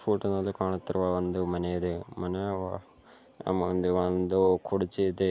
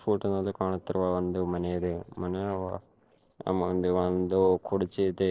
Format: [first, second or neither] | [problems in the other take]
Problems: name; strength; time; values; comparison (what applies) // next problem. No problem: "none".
first | noise reduction (neural separator model SepFormer DNS4)